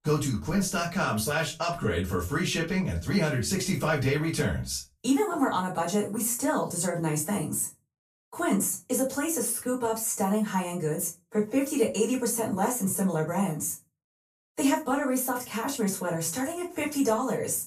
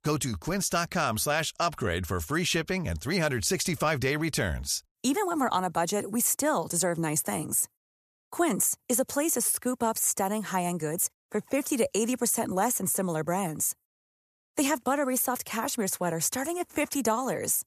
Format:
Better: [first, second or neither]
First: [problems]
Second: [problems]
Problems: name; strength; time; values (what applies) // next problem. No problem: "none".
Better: second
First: off-mic speech; far // room echo; very slight; dies away in 0.2 s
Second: none